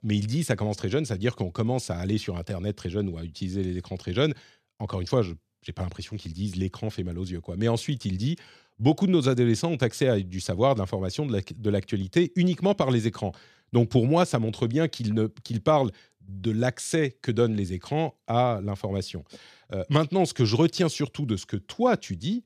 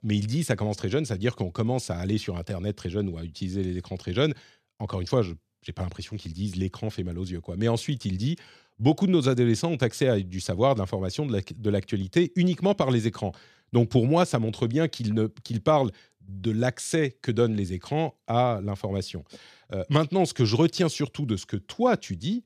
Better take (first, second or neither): neither